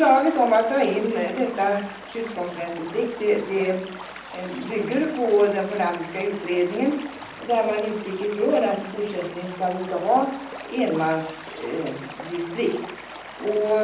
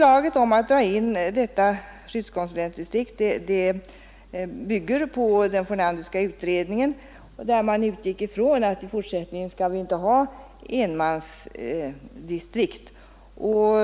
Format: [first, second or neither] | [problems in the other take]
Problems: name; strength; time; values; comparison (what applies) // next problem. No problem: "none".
second | background sound (Stream / Liquid); 15 dB below the speech // room echo; dies away in 0.6 s